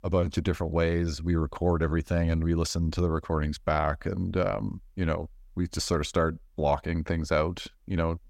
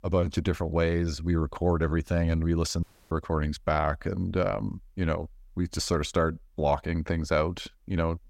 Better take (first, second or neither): first